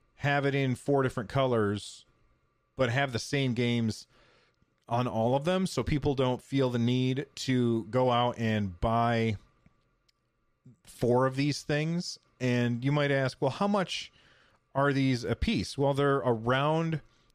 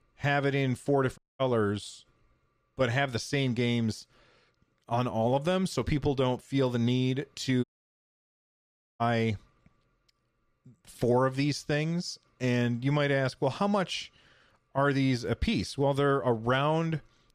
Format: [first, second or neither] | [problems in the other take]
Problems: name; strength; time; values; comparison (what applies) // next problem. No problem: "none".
first | audio cutting out; at 1 s and at 7.5 s for 1.5 s